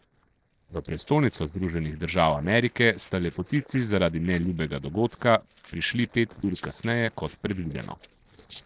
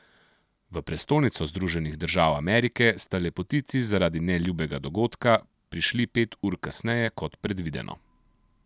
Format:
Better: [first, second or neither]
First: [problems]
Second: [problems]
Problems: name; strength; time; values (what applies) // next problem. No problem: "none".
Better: second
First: noise reduction (neural separator model SepFormer DNS4)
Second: none